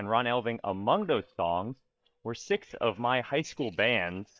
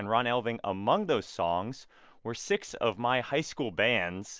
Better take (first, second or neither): second